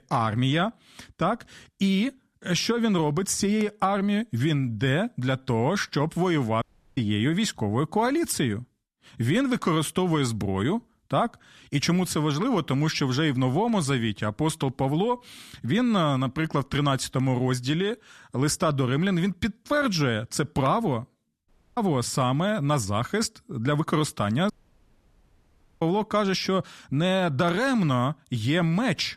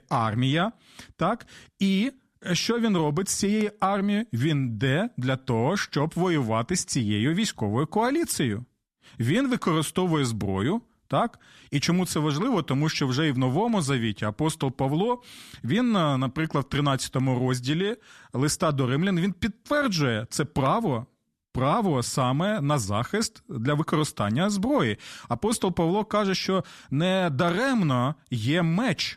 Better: second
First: audio cutting out; at 6.5 s, at 21 s and at 25 s for 1.5 s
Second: none

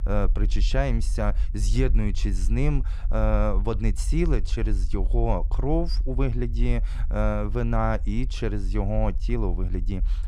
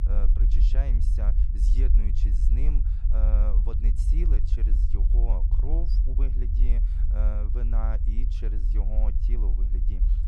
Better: first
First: low rumble; faint; throughout; 20 dB below the speech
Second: low rumble; loud; throughout; 3 dB below the speech

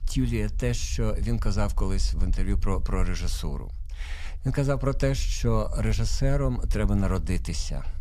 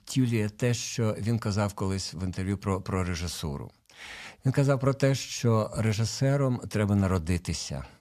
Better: second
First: low rumble; faint; throughout; 20 dB below the speech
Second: none

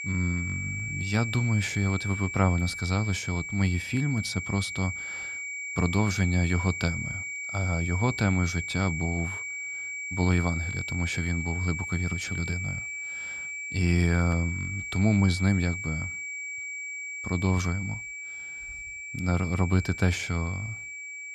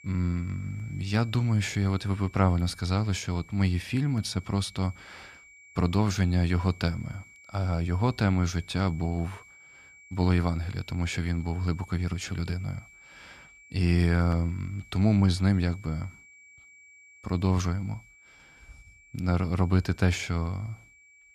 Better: second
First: high-pitched whine; loud; throughout; 2.5 kHz, 5 dB below the speech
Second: high-pitched whine; faint; throughout; 2.5 kHz, 25 dB below the speech

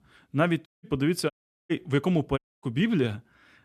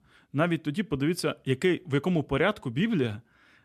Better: second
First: audio cutting out; at 0.5 s, at 1.5 s and at 2.5 s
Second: none

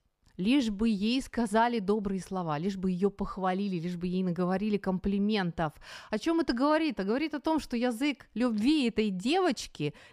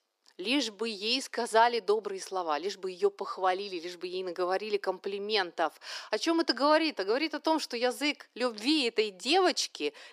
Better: first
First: none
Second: thin; somewhat; fading below 350 Hz

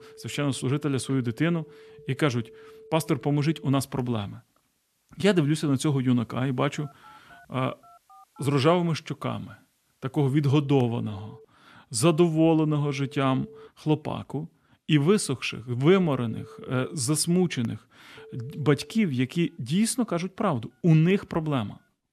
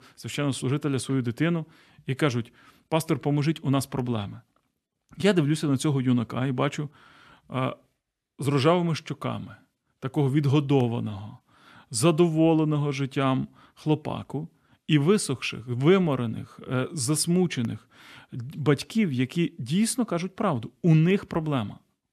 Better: second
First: alarms or sirens; faint; throughout; 25 dB below the speech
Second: none

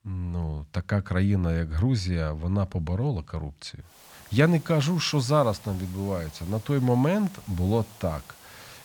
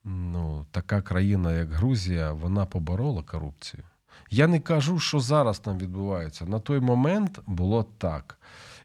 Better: second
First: hiss; faint; from 4 s on; 20 dB below the speech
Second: none

